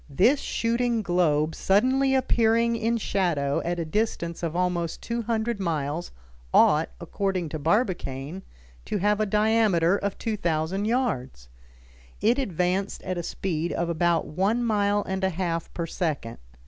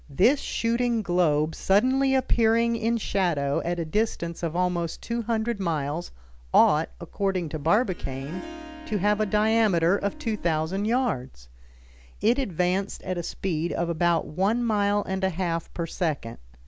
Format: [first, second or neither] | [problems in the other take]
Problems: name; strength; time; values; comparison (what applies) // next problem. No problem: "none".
first | background sound (Harp); 17 dB below the speech